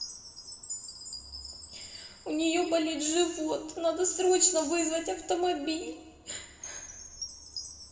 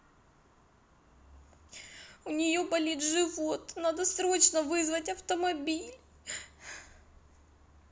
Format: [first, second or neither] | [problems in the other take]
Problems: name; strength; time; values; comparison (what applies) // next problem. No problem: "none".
second | background sound (Chime); 15 dB below the speech // room echo; dies away in 1.7 s